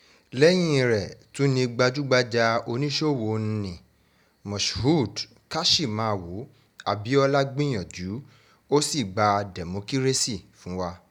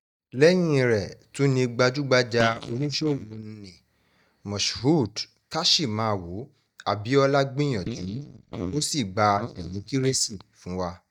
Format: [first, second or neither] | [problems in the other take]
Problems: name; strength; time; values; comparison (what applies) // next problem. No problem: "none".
first | noise reduction (neural mask model DeepFilterNet 3)